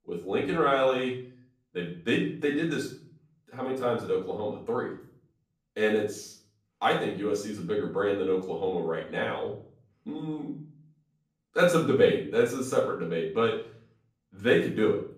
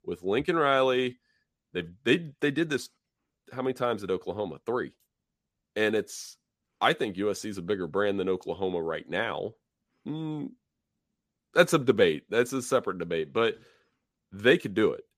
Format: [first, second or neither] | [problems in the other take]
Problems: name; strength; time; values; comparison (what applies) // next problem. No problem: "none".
second | off-mic speech; far // room echo; slight; dies away in 0.5 s